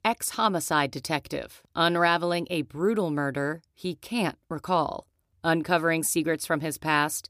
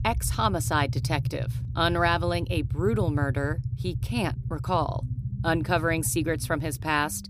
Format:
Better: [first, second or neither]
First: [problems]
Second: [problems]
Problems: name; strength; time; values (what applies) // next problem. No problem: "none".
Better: first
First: none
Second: low rumble; noticeable; throughout; 15 dB below the speech